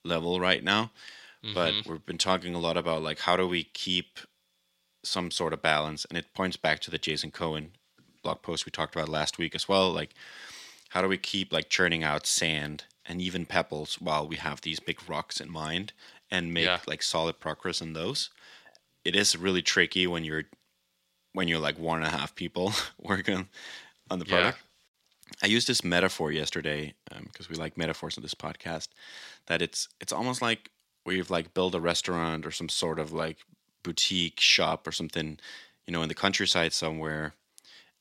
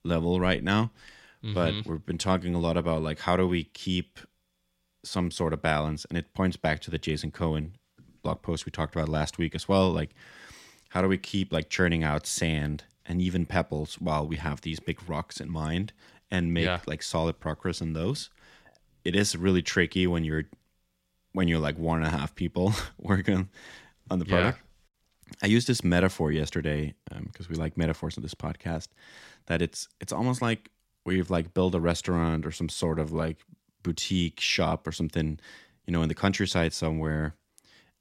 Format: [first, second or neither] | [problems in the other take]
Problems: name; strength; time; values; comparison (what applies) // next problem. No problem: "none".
second | thin; somewhat; fading below 950 Hz